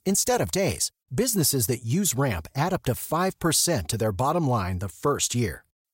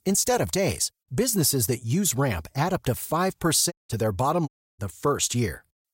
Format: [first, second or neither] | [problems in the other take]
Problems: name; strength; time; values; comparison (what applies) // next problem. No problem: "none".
first | audio cutting out; at 3.5 s and at 4.5 s